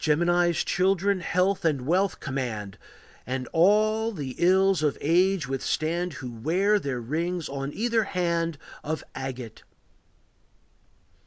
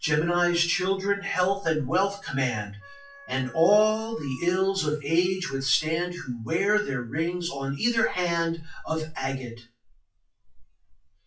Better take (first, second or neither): first